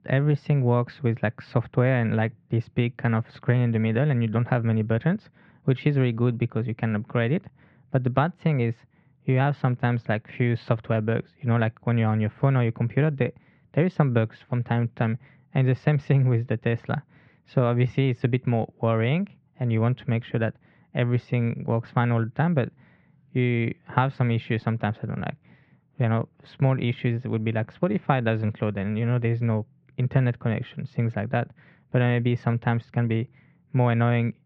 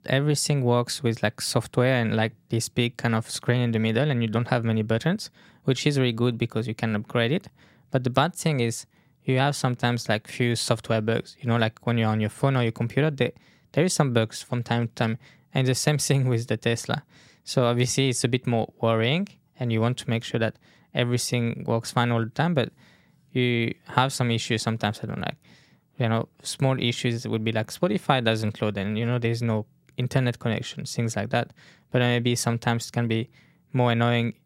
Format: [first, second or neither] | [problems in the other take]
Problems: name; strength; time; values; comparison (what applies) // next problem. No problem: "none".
second | muffled; very; fading above 2.5 kHz